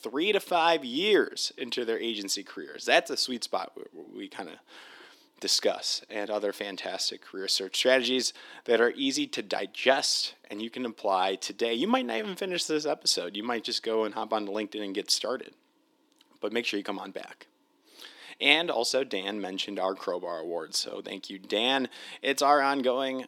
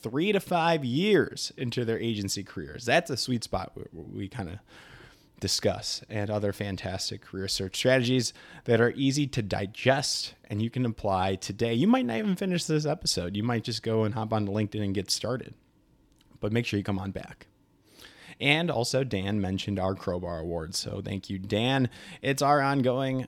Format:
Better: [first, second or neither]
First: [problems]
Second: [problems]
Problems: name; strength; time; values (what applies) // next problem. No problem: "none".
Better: second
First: thin; somewhat; fading below 300 Hz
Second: none